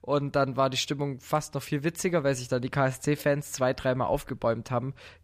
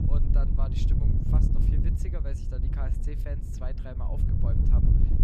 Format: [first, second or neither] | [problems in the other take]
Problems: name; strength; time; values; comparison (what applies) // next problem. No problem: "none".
first | wind noise on the microphone; heavy; 2 dB above the speech